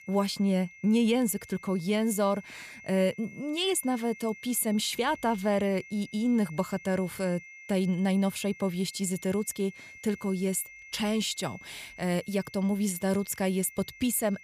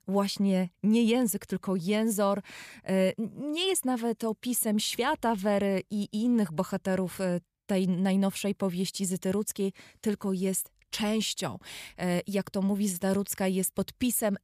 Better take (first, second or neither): second